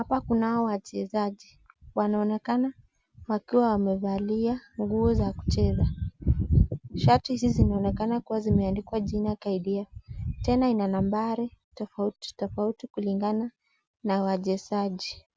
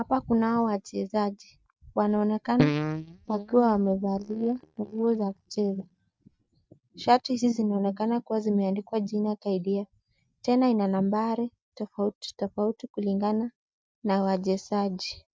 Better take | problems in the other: first | noise reduction (neural mask model DeepFilterNet 3)

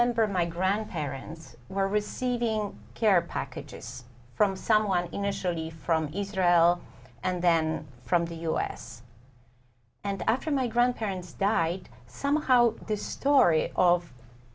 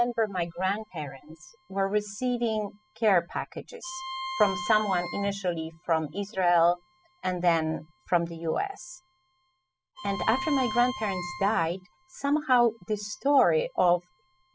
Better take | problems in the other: first | noise reduction (classical method spectral subtraction)

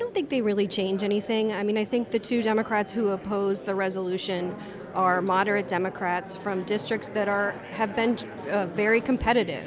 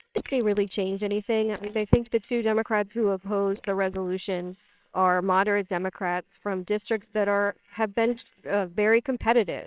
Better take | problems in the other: first | noise reduction (neural separator model SepFormer WHAMR!)

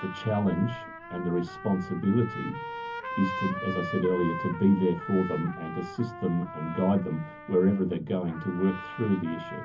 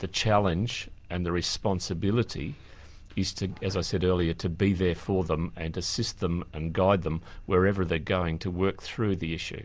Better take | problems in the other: second | background sound (Trumpet); 10 dB below the speech // room echo; dies away in 0.3 s

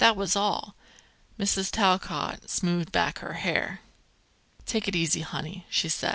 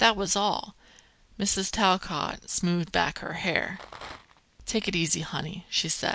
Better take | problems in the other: first | background sound (Rattle); 16 dB below the speech

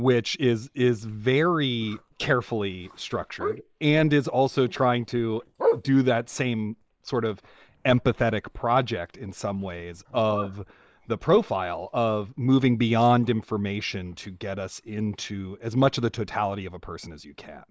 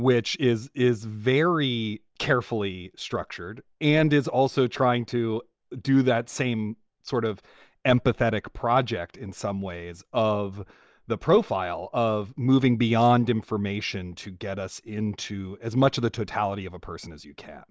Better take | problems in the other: second | noise reduction (neural mask model Resemble Enhance denoiser)

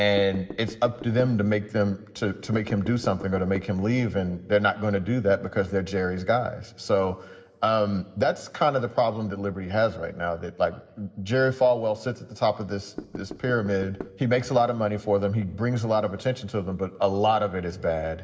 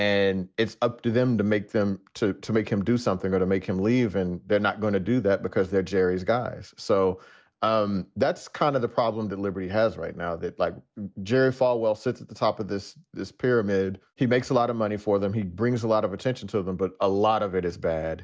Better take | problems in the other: second | background sound (Knock / Wood); 14 dB below the speech // room echo; dies away in 1.5 s

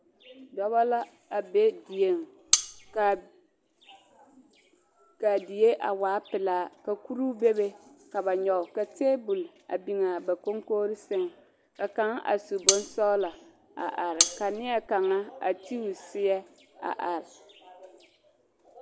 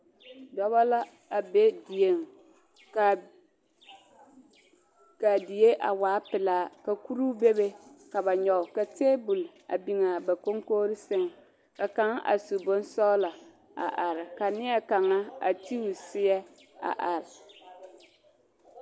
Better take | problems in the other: second | background sound (Cutlery, silverware); 1 dB above the speech

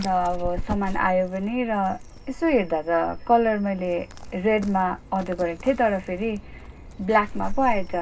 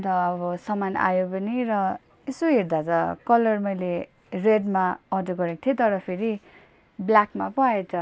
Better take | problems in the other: second | background sound (Dog); 9 dB below the speech // room echo; dies away in 0.2 s

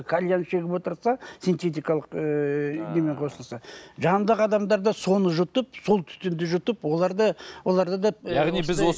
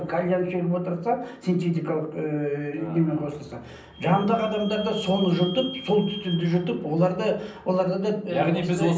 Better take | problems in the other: first | background sound (Squeak / Vehicle); 19 dB below the speech // room echo; dies away in 0.6 s

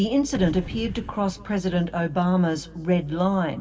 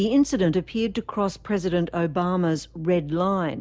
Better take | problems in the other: second | background sound (Gunshot, gunfire / Boom); 17 dB below the speech // room echo; dies away in 2.8 s

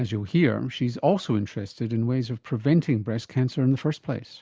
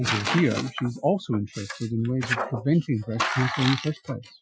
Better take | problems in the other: first | noise reduction (classical method Wiener filter)

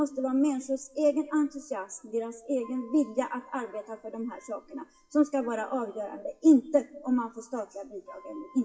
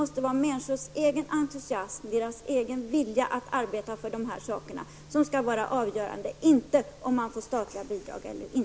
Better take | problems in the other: second | noise reduction (classical method WPE with log-MMSE)

